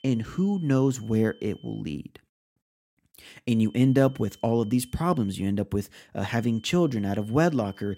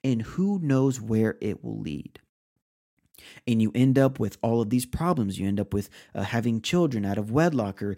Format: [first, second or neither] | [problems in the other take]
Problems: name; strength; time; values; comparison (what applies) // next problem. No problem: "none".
second | high-pitched whine; faint; until 2 s, from 3.5 to 5.5 s and from 6.5 s on; 3 kHz, 30 dB below the speech